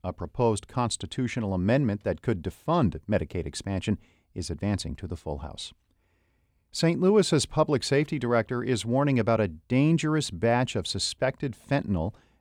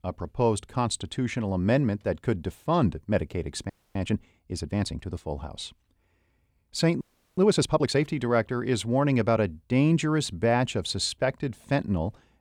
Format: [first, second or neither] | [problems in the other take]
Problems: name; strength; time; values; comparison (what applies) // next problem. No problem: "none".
first | audio freezing; at 3.5 s and at 7 s